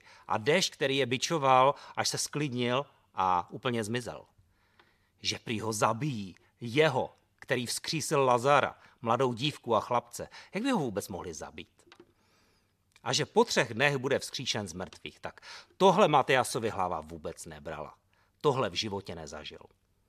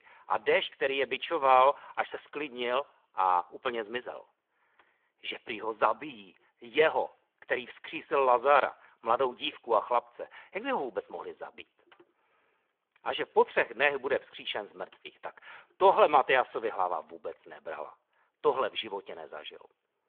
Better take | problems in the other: first | phone-call audio; nothing above 3.5 kHz

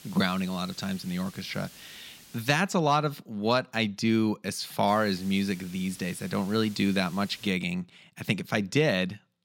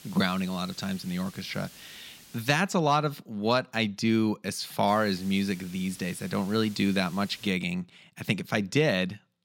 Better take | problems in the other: neither | hiss; noticeable; until 2.5 s and from 5 to 7.5 s; 20 dB below the speech; the same in both

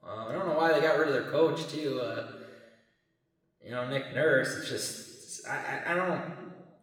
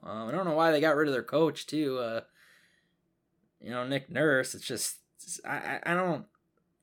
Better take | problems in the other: second | room echo; noticeable; dies away in 1.3 s // off-mic speech; somewhat distant

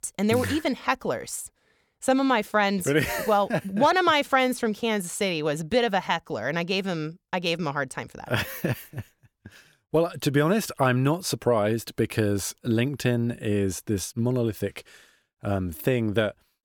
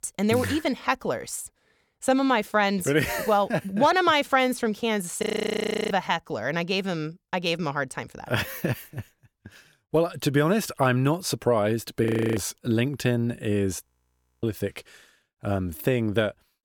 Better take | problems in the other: first | audio freezing; at 5 s for 0.5 s, at 12 s and at 14 s for 0.5 s

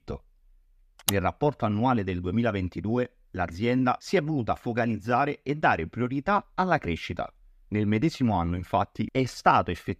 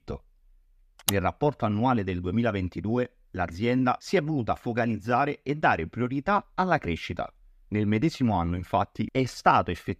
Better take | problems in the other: neither | none

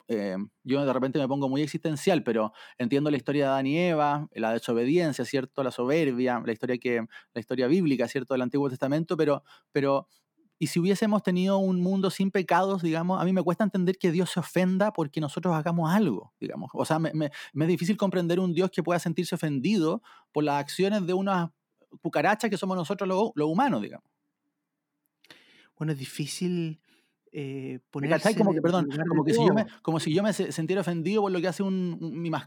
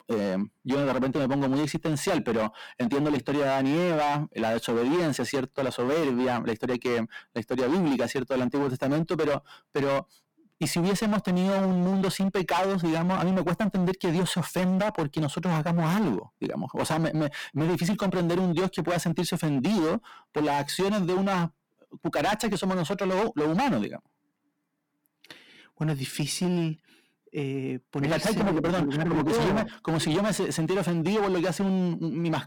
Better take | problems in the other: first | distortion; heavy; 22% of the sound clipped

